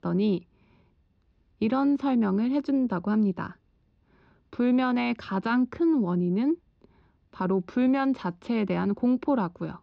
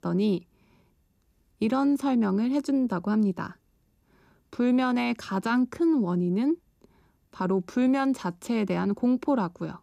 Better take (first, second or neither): second